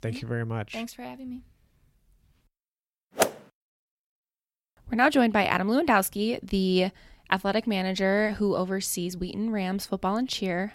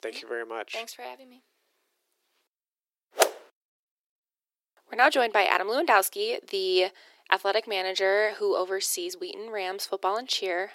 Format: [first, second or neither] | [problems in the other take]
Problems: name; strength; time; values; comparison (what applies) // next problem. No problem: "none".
first | thin; very; fading below 350 Hz